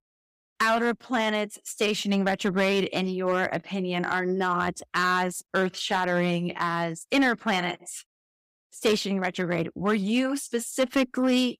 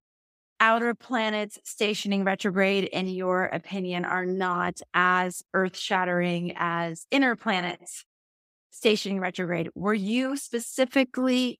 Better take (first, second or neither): second